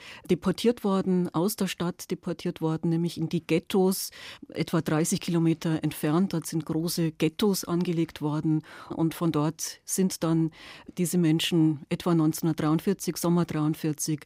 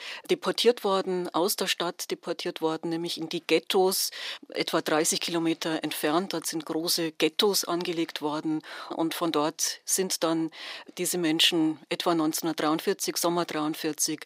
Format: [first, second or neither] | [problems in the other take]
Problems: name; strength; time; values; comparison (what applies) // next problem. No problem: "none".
first | thin; very; fading below 450 Hz